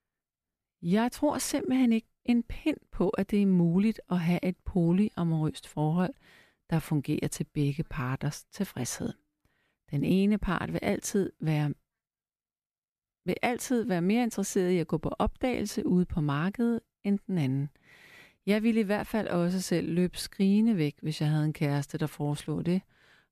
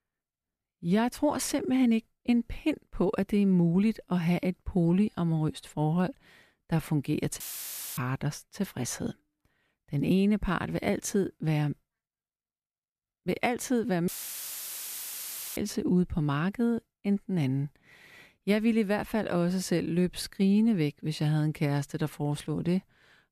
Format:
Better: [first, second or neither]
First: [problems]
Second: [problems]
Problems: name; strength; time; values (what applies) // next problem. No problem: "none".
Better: first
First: none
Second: audio cutting out; filled with static; at 7.5 s for 0.5 s and at 14 s for 1.5 s